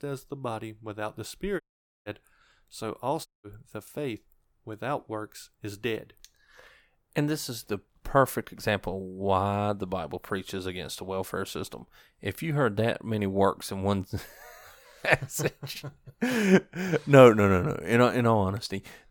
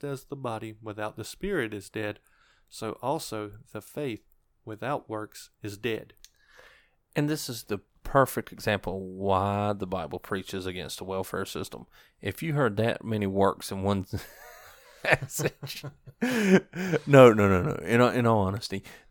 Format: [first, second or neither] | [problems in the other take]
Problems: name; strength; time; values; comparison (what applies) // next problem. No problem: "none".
second | audio cutting out; at 1.5 s and at 3.5 s